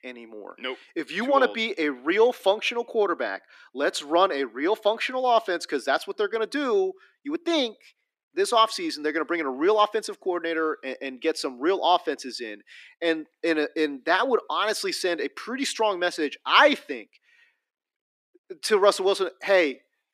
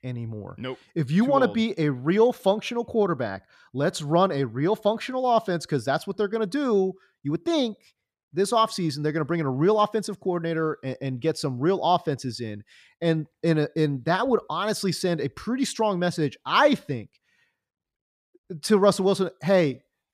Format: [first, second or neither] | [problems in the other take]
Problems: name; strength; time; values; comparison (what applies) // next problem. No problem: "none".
second | thin; somewhat; fading below 300 Hz